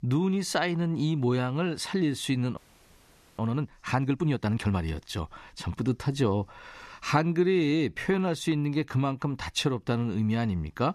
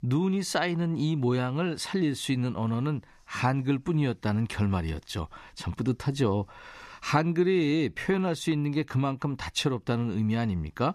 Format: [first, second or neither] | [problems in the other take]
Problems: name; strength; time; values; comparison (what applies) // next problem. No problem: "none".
second | audio freezing; at 2.5 s for 1 s